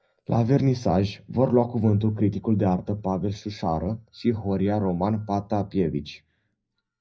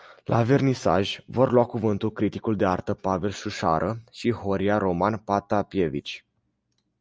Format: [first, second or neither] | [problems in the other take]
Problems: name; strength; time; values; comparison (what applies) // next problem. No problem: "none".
second | noise reduction (neural mask model DeepFilterNet 3)